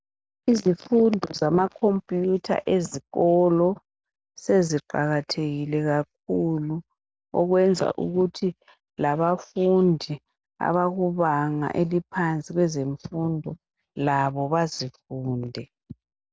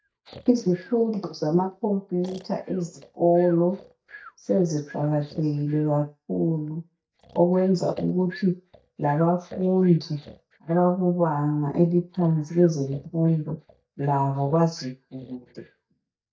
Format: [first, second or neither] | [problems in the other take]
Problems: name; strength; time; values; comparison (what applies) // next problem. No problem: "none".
first | noise reduction (neural mask model DeepFilterNet 3)